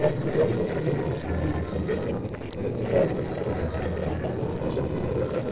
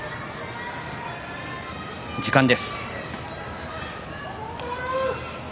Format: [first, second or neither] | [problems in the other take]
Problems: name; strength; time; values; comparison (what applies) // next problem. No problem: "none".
second | noise reduction (neural separator model SepFormer DNS4)